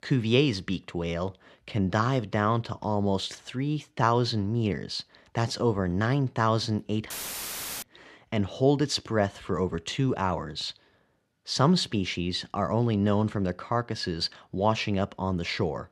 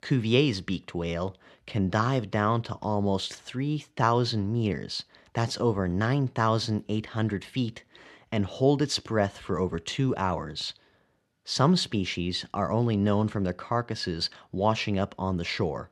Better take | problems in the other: second | audio cutting out; filled with static; at 7 s for 0.5 s

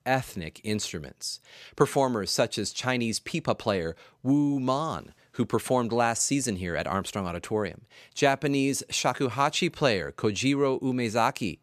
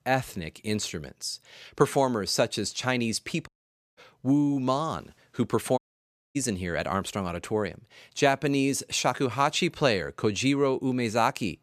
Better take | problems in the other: first | audio cutting out; at 3.5 s and at 6 s for 0.5 s

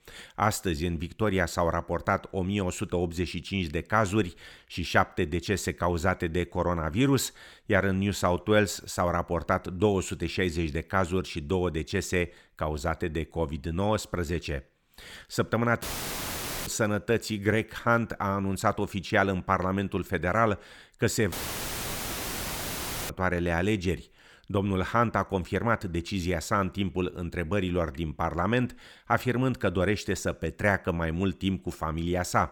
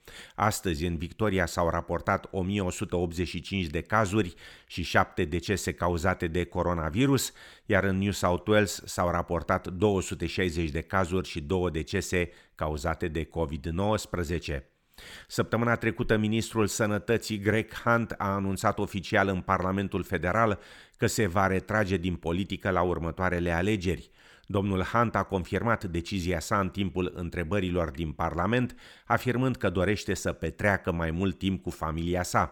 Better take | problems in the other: second | audio cutting out; filled with static; at 16 s for 1 s and at 21 s for 2 s

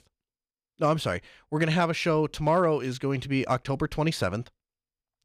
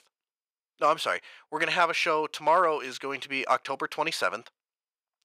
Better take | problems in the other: first | thin; very; fading below 550 Hz

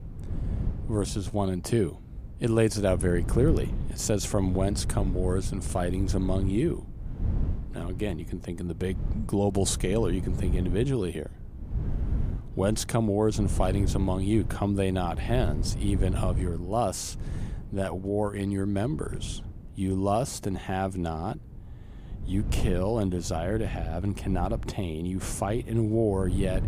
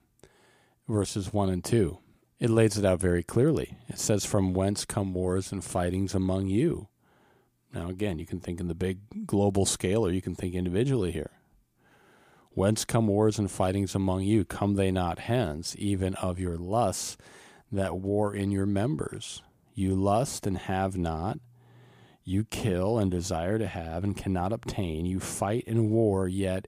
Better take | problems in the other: second | wind noise on the microphone; occasional gusts; 15 dB below the speech

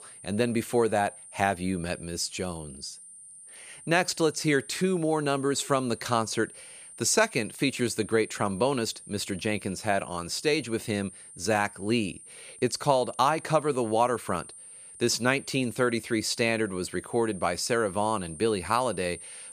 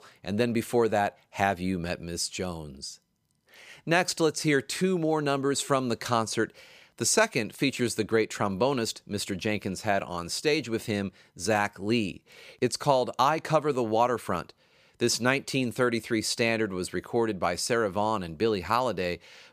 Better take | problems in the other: second | high-pitched whine; noticeable; throughout; 9 kHz, 15 dB below the speech

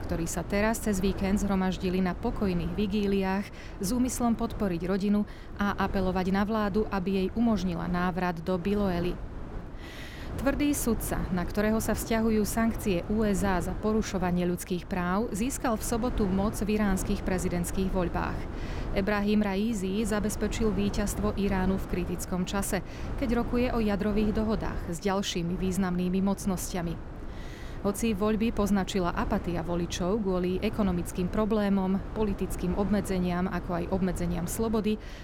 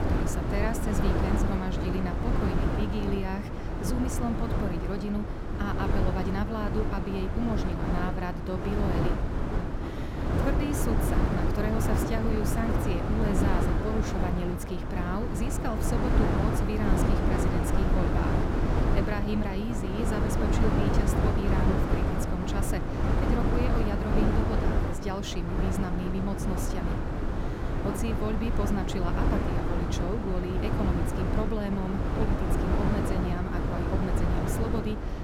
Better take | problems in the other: first | wind noise on the microphone; heavy; 2 dB above the speech; occasional gusts in the first

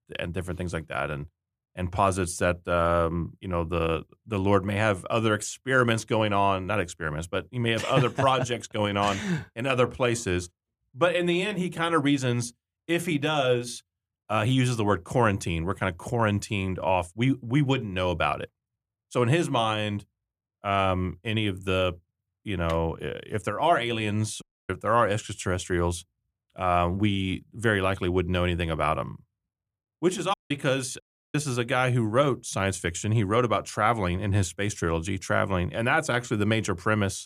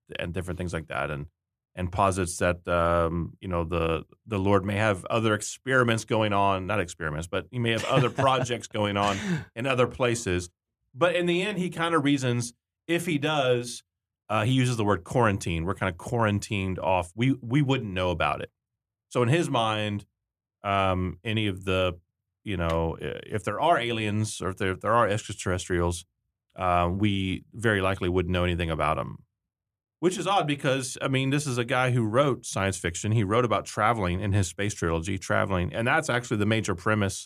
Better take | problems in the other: second | audio cutting out; at 24 s, at 30 s and at 31 s

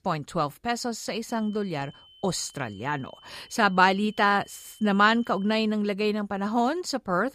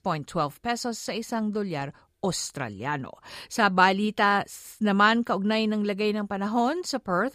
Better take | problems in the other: second | high-pitched whine; faint; from 1.5 to 5.5 s; 3 kHz, 25 dB below the speech

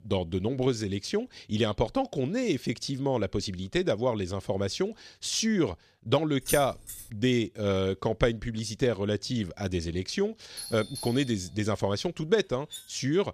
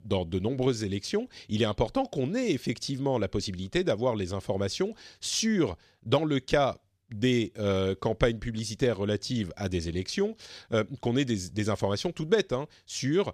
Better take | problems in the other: second | jangling keys; noticeable; at 6.5 s; peak 4 dB below the speech // doorbell; noticeable; at 11 s; peak 10 dB below the speech // clattering dishes; faint; at 13 s; peak 15 dB below the speech

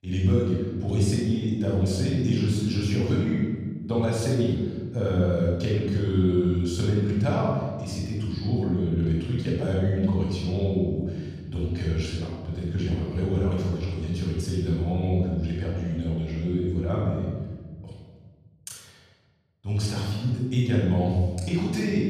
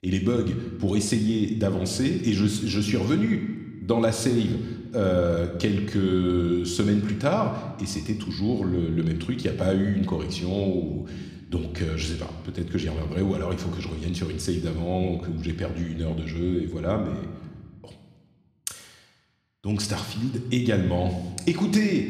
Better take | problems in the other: second | room echo; strong; dies away in 1.6 s; slight in the second // off-mic speech; far

